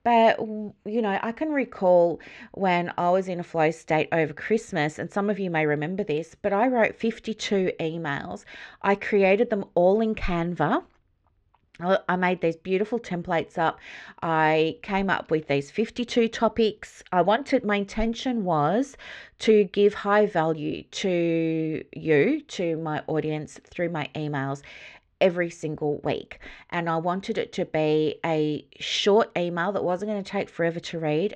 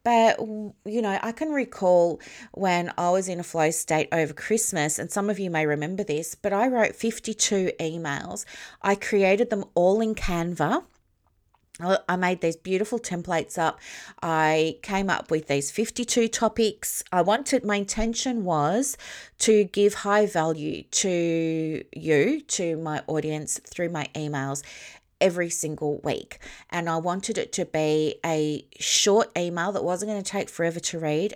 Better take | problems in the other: second | muffled; slightly; fading above 3.5 kHz

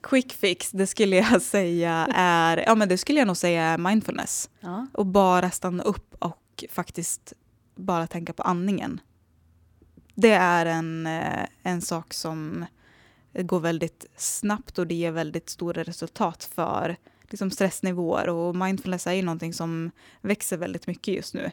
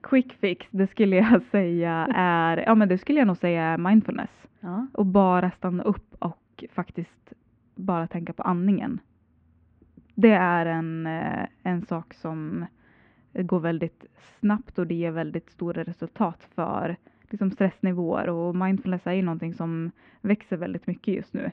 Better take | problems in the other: first | muffled; very; fading above 2.5 kHz

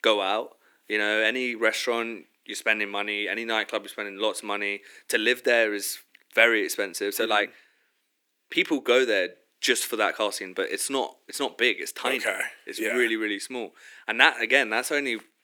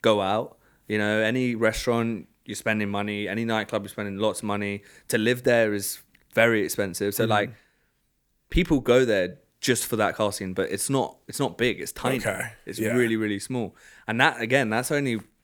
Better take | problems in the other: second | thin; somewhat; fading below 300 Hz

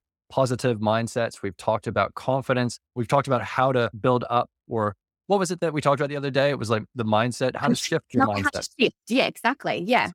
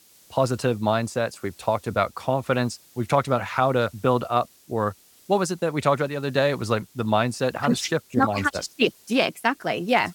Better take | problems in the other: first | hiss; faint; throughout; 30 dB below the speech

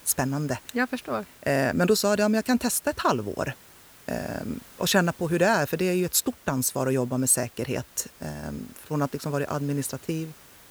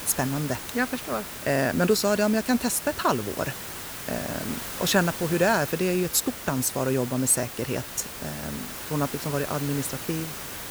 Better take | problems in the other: first | hiss; loud; throughout; 8 dB below the speech; faint in the first

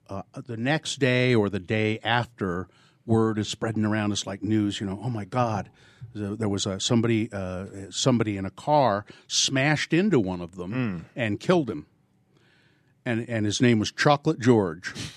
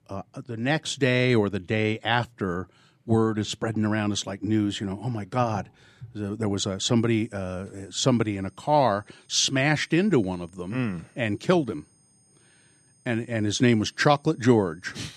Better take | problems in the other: first | high-pitched whine; faint; from 7 s on; 8.5 kHz, 35 dB below the speech

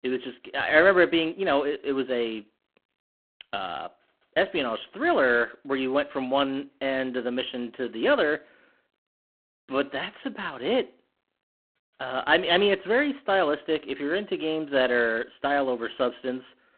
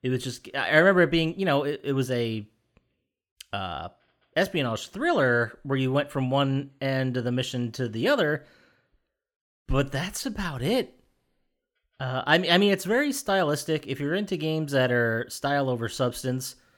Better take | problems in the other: second | phone-call audio; poor line

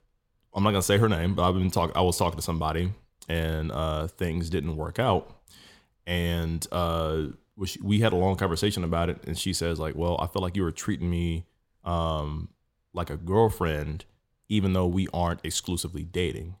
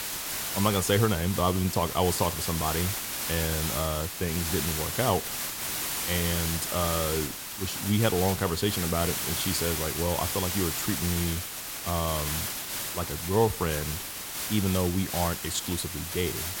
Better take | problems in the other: first | hiss; loud; throughout; 2 dB below the speech

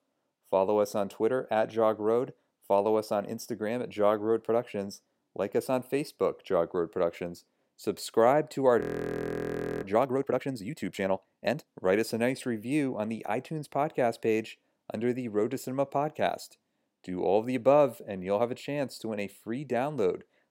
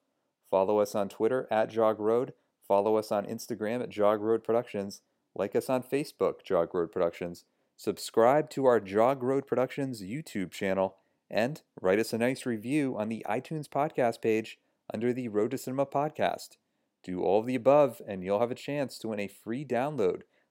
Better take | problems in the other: second | audio freezing; at 9 s for 1 s

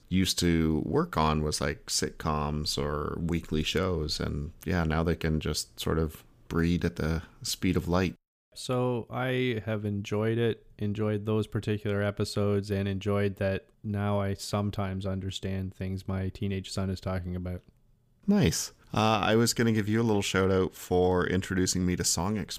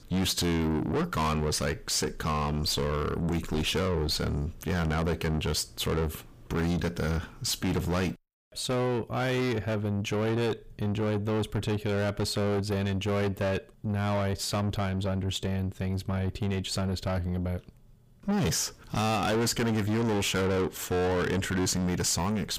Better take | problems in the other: first | distortion; heavy; 7 dB below the speech

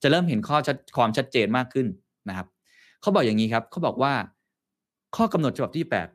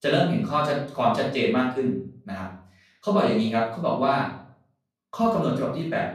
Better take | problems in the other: first | off-mic speech; far // room echo; noticeable; dies away in 0.5 s

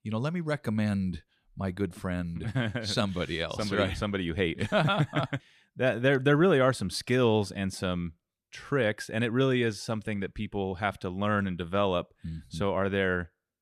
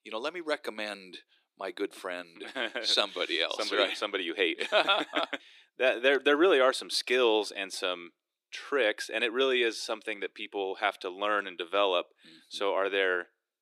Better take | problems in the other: first | thin; very; fading below 300 Hz

